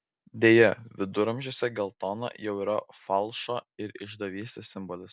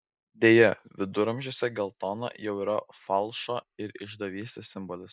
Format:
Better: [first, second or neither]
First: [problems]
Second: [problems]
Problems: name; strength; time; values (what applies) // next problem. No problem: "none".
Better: first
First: none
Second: noise reduction (neural mask model Resemble Enhance denoiser)